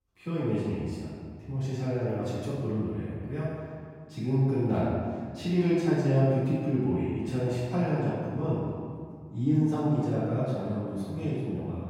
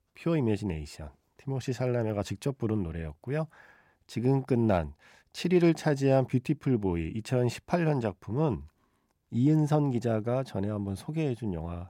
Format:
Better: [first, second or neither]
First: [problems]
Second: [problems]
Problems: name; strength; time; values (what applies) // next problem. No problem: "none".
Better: second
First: room echo; strong; dies away in 1.8 s // off-mic speech; far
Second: none